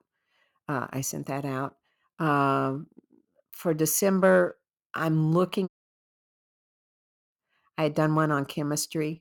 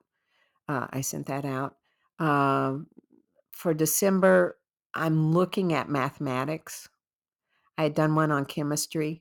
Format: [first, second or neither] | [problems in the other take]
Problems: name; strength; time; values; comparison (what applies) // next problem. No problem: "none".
second | audio cutting out; at 5.5 s for 1.5 s